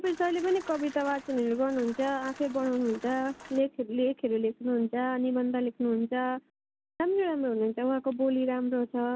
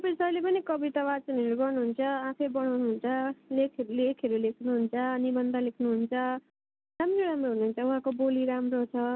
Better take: second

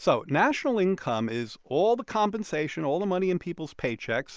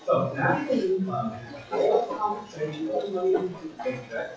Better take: first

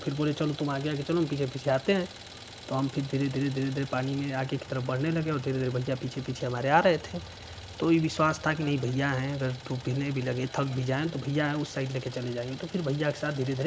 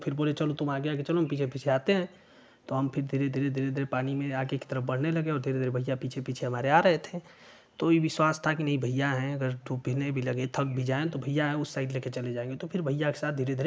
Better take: second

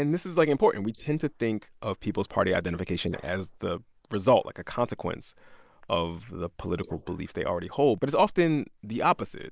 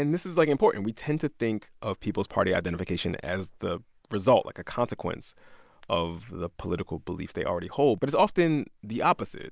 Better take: second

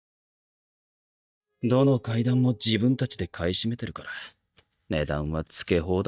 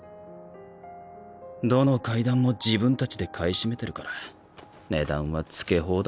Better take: second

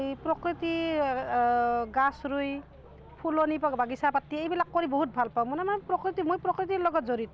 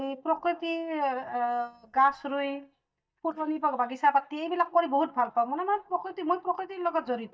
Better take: first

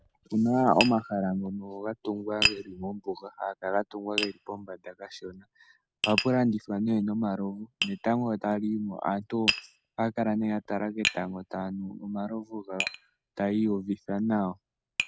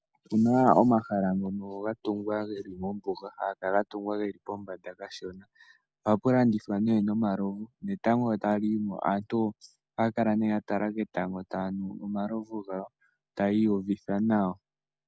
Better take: second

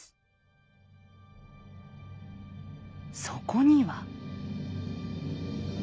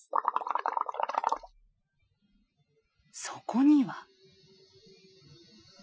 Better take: first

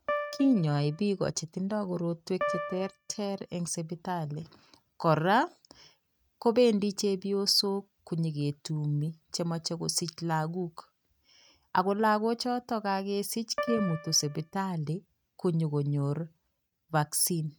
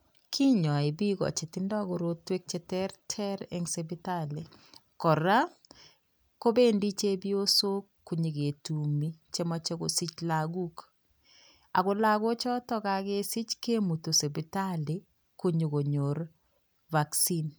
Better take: second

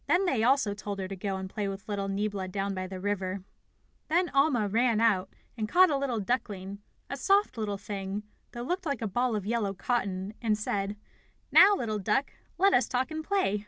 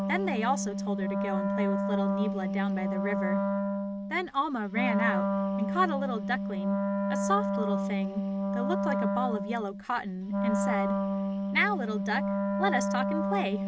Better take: first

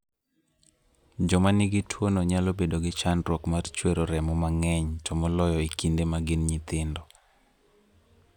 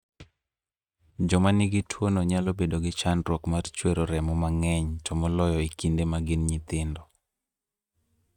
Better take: first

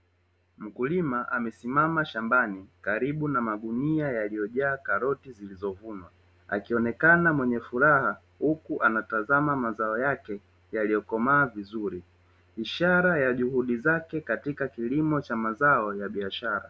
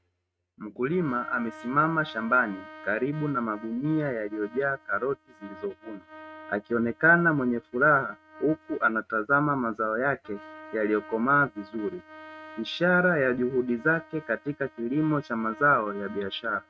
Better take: first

